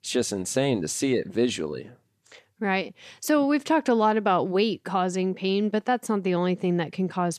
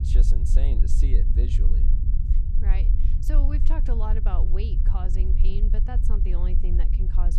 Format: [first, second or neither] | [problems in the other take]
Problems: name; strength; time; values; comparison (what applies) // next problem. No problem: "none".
first | low rumble; loud; throughout; 4 dB below the speech